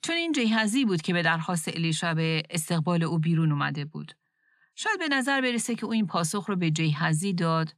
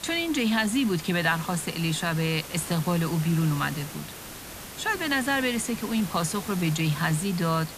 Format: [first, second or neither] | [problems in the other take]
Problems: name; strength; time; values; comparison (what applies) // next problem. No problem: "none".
first | hiss; noticeable; throughout; 10 dB below the speech